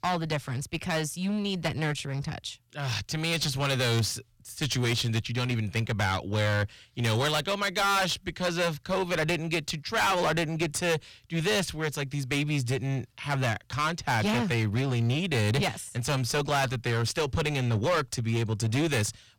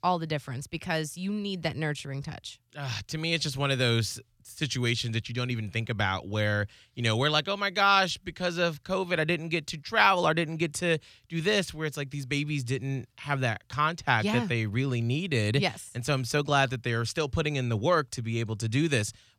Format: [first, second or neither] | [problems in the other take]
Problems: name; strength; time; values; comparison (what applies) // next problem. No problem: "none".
second | distortion; heavy; 16% of the sound clipped